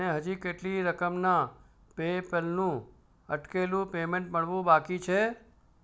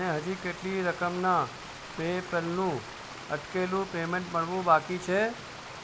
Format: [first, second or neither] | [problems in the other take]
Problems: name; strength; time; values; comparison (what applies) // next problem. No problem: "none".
first | background sound (Stream); 12 dB below the speech